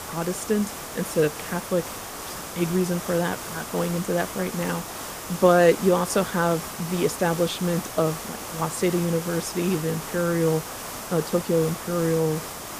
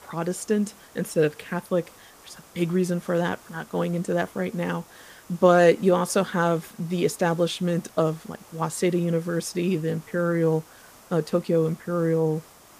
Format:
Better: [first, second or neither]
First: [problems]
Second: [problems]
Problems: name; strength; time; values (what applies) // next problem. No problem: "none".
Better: second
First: hiss; loud; throughout; 9 dB below the speech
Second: hiss; faint; throughout; 25 dB below the speech